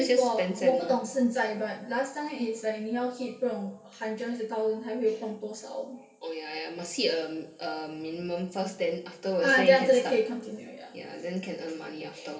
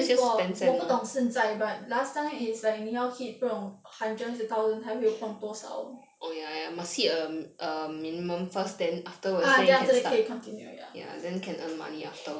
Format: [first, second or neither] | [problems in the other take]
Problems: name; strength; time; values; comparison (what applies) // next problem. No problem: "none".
second | room echo; dies away in 2 s